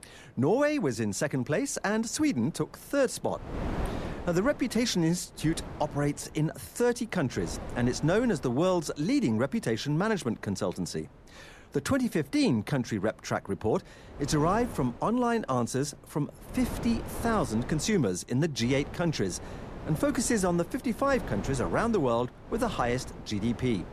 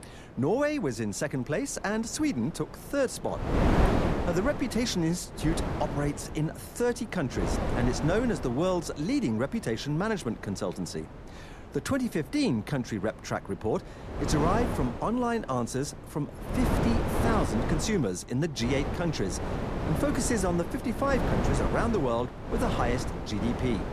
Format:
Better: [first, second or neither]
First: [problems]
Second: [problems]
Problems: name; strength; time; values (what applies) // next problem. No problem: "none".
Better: first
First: wind noise on the microphone; occasional gusts; 15 dB below the speech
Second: wind noise on the microphone; heavy; 3 dB below the speech